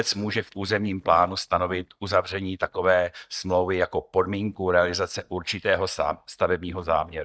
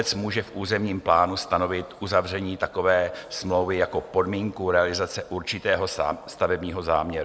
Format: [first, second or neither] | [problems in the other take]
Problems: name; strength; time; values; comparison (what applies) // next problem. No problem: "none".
second | noise reduction (neural mask model DeepFilterNet 3)